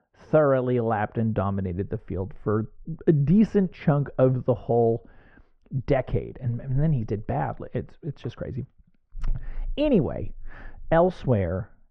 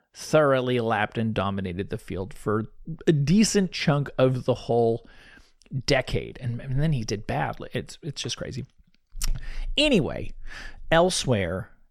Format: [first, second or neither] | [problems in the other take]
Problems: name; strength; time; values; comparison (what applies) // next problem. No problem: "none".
second | muffled; very; fading above 1 kHz